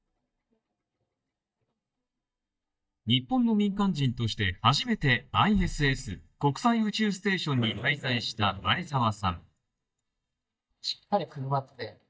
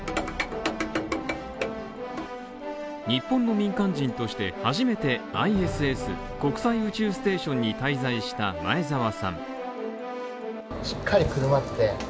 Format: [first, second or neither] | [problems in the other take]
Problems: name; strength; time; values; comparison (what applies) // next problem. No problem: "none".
second | noise reduction (neural mask model DeepFilterNet 3)